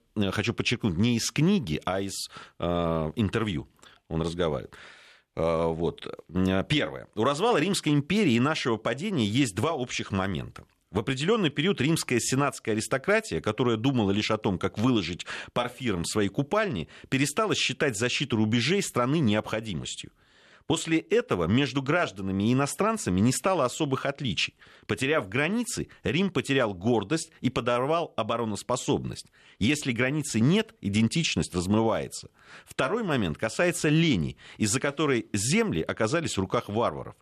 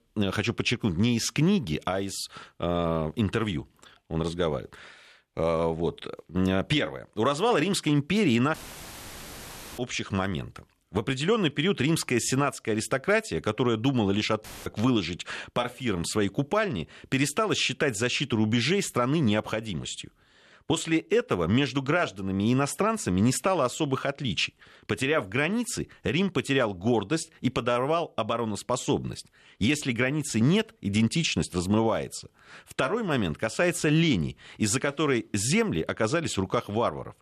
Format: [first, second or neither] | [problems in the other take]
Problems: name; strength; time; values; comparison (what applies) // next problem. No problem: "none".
first | audio cutting out; filled with static; at 8.5 s for 1 s and at 14 s